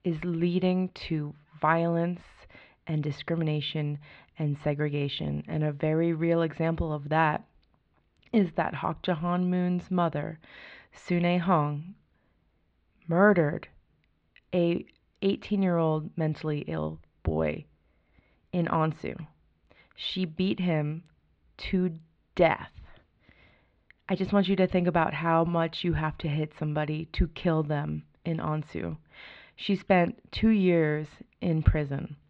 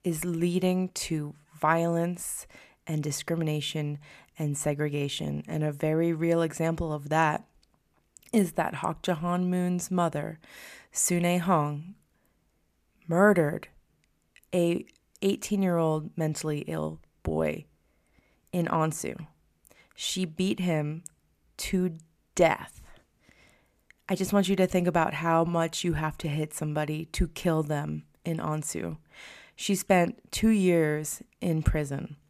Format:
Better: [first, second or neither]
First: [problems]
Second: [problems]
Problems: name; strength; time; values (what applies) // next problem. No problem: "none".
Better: second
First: muffled; slightly; fading above 4 kHz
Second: none